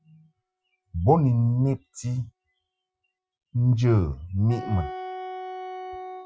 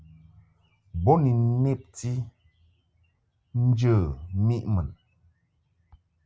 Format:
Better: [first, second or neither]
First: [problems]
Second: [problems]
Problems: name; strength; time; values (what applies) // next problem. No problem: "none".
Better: second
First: noise reduction (classical method Wiener filter)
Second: none